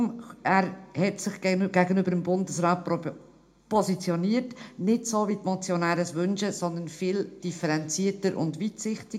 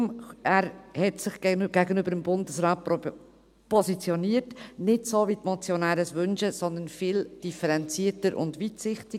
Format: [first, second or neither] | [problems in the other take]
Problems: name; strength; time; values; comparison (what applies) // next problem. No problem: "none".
second | room echo; dies away in 0.2 s